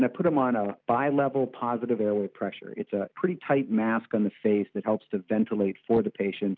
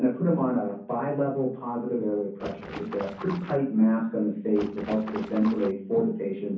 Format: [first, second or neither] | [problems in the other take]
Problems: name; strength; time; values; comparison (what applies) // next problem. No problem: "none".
first | background sound (Water / Splash, splatter); 12 dB below the speech // room echo; dies away in 0.6 s